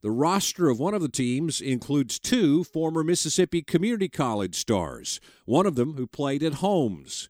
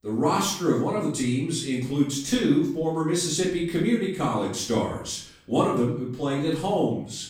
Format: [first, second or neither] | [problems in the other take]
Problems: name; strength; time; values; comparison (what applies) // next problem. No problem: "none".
first | off-mic speech; far // room echo; noticeable; dies away in 0.5 s